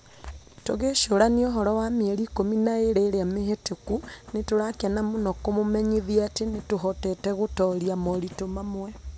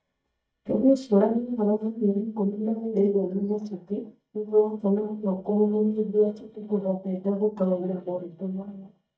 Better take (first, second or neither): first